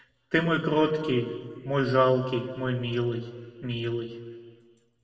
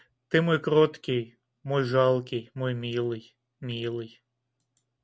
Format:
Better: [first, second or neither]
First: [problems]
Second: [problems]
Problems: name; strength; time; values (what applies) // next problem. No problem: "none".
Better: second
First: room echo; dies away in 1.8 s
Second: none